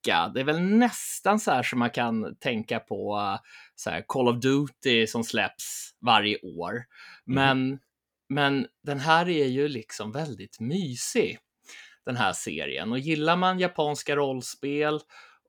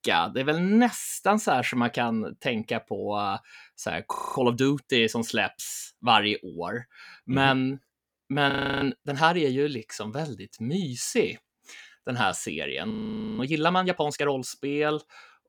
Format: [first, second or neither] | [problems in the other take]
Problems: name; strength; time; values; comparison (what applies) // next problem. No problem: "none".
first | audio freezing; at 4 s, at 8.5 s and at 13 s